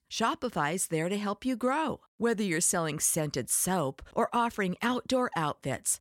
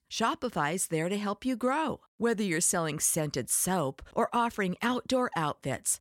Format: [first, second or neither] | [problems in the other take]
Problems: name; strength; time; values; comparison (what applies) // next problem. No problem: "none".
neither | none